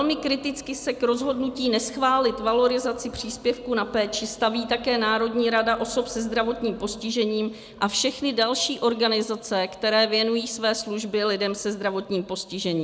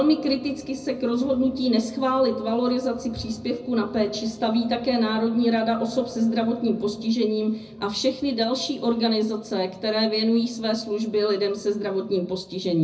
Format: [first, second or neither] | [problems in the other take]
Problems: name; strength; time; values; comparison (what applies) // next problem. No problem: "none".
first | room echo; dies away in 0.4 s